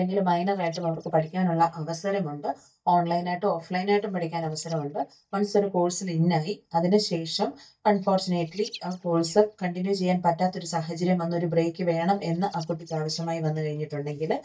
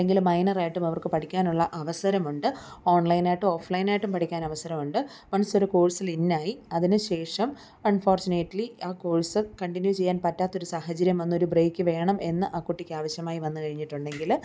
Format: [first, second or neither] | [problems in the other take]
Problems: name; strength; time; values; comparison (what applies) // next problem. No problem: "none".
second | noise reduction (neural mask model DeepFilterNet 3)